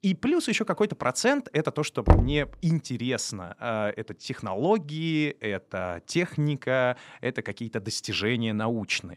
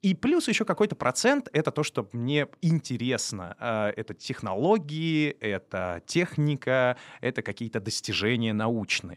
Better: second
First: door banging; loud; at 2 s; peak 5 dB above the speech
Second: none

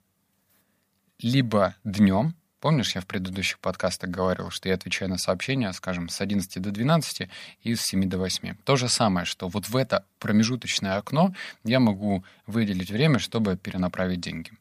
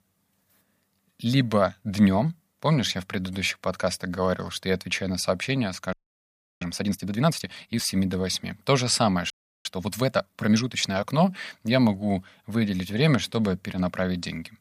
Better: first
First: none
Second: audio freezing; at 6 s for 0.5 s and at 9.5 s

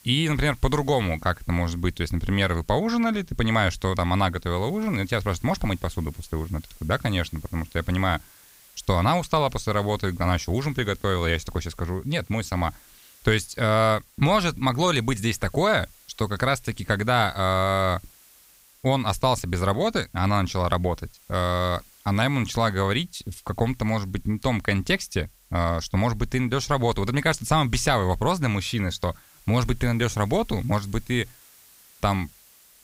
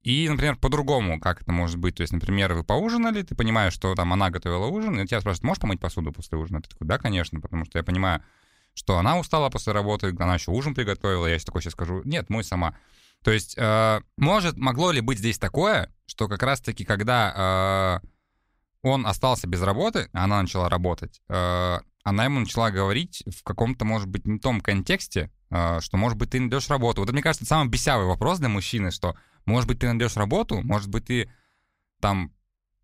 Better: second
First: hiss; faint; throughout; 25 dB below the speech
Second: none

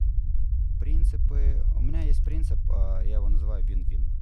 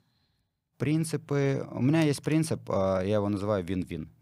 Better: second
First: low rumble; loud; throughout; 3 dB below the speech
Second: none

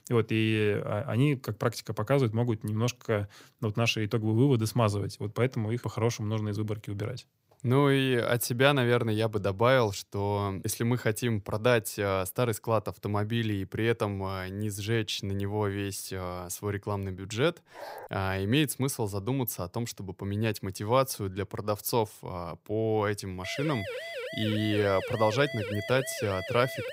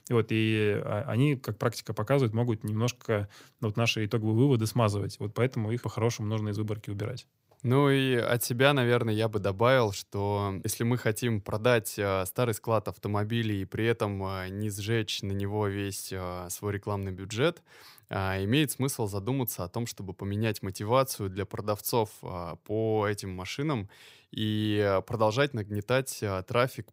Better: second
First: dog barking; faint; at 18 s; peak 15 dB below the speech // siren; noticeable; from 23 s on; peak 7 dB below the speech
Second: none

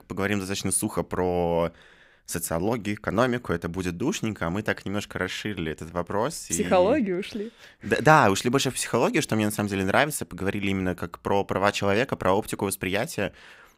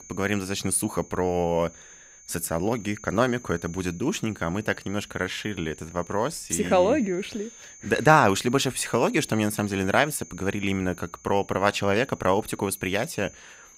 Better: first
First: none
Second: high-pitched whine; faint; throughout; 6.5 kHz, 20 dB below the speech

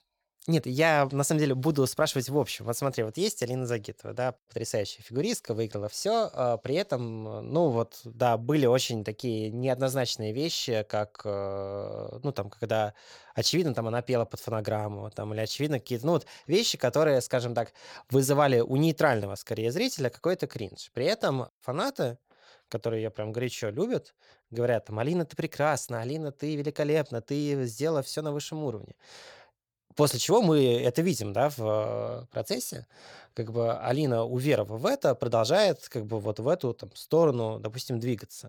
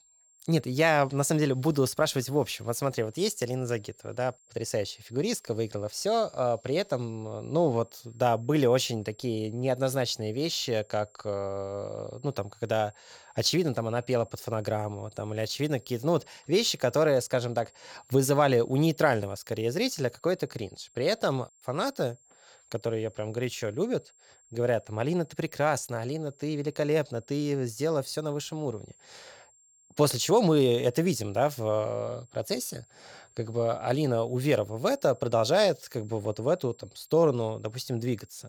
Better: first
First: none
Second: high-pitched whine; faint; throughout; 7.5 kHz, 30 dB below the speech

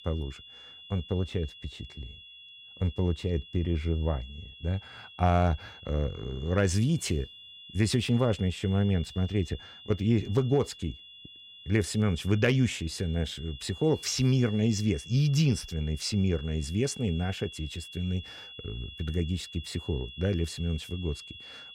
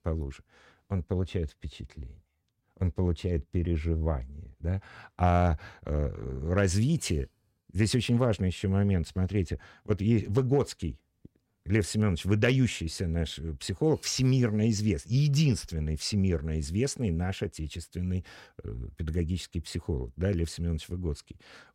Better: second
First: high-pitched whine; noticeable; throughout; 3.5 kHz, 15 dB below the speech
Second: none

